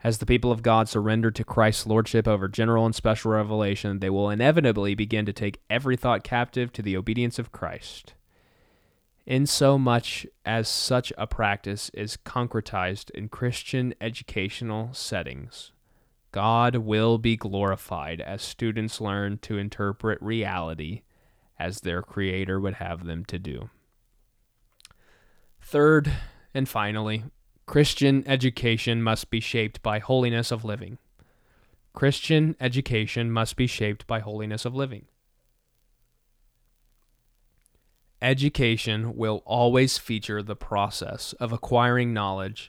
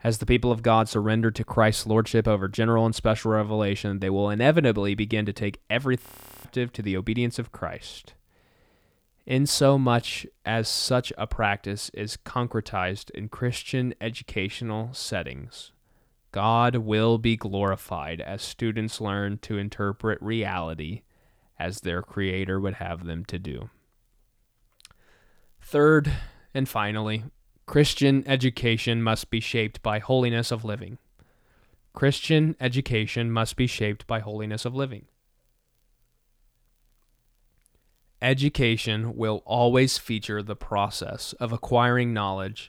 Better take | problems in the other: first | audio freezing; at 6 s

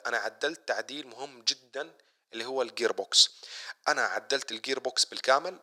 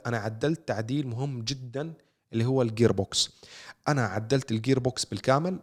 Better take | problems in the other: second | thin; very; fading below 500 Hz

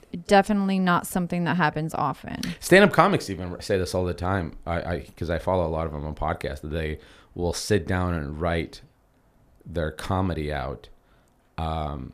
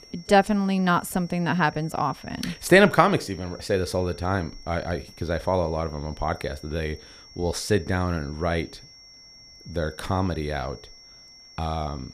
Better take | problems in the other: first | high-pitched whine; faint; throughout; 5.5 kHz, 20 dB below the speech

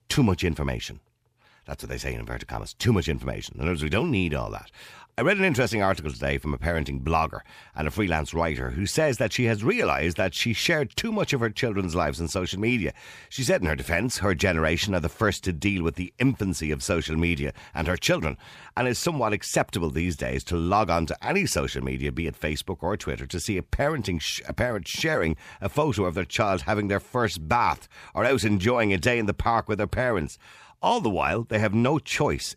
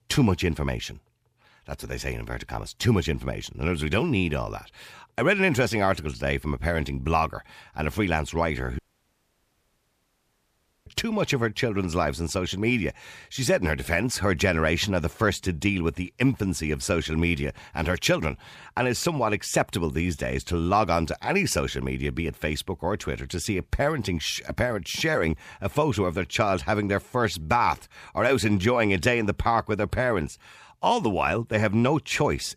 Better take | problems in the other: first | audio cutting out; at 9 s for 2 s

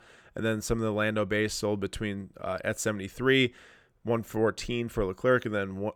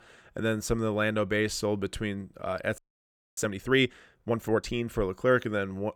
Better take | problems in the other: first | audio freezing; at 3 s for 0.5 s

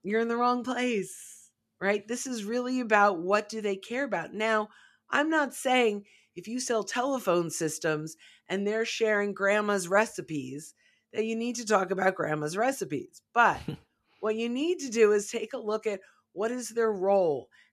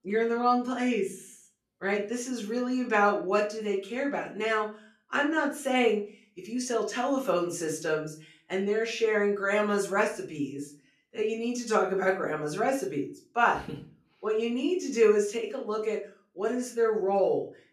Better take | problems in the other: first | off-mic speech; far // room echo; slight; dies away in 0.3 s

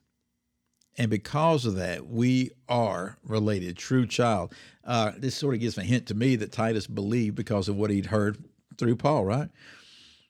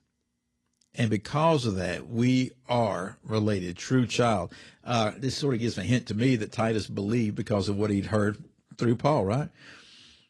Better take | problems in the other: first | garbled, watery; slightly

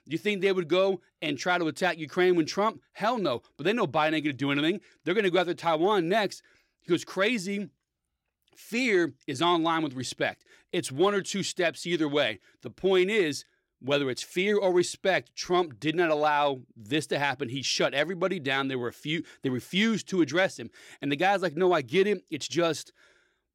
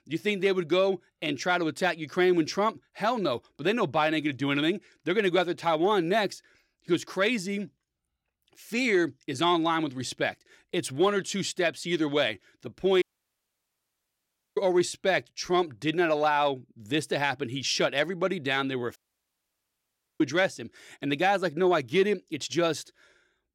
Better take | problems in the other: first | audio cutting out; at 13 s for 1.5 s and at 19 s for 1 s

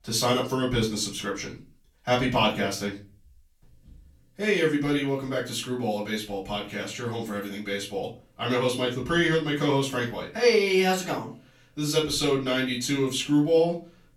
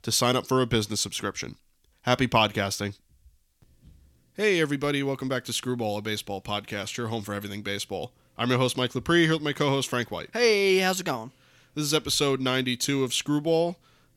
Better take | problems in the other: second | room echo; slight; dies away in 0.3 s // off-mic speech; far

